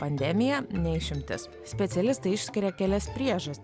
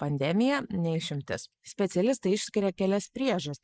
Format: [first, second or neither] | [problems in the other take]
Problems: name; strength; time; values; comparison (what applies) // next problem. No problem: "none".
first | noise reduction (neural mask model Resemble Enhance denoiser)